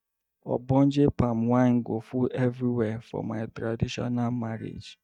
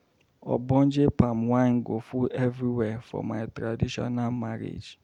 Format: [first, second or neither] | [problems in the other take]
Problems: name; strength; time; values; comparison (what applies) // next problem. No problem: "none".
second | noise reduction (neural mask model DeepFilterNet 3)